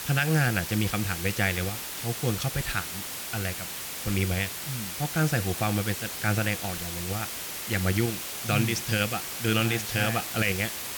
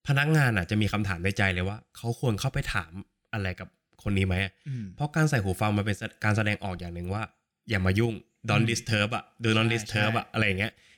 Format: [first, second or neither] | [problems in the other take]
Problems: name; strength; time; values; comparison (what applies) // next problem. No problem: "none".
second | hiss; loud; throughout; 4 dB below the speech